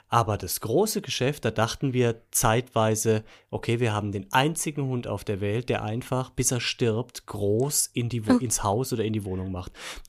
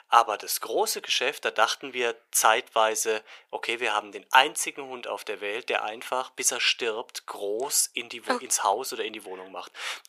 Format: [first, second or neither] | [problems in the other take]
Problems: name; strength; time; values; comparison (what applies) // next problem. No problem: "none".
first | thin; very; fading below 450 Hz